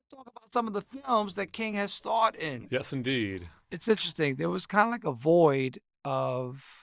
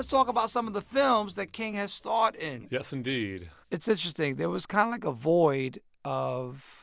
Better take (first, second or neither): second